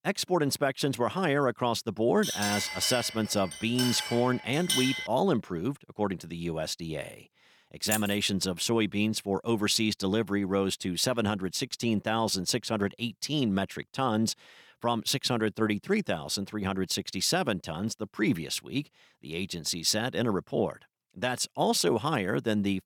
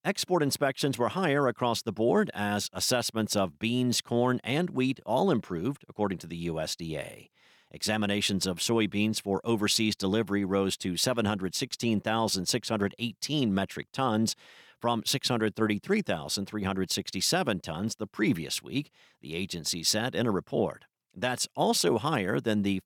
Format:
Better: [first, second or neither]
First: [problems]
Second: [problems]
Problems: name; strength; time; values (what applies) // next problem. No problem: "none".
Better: second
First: clattering dishes; loud; from 2 to 5 s; peak 1 dB above the speech // jangling keys; noticeable; at 8 s; peak 4 dB below the speech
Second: none